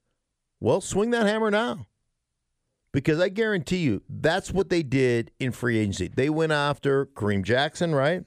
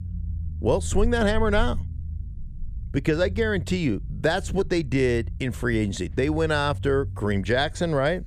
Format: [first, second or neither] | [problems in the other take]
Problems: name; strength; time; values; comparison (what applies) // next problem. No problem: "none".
first | low rumble; faint; throughout; 25 dB below the speech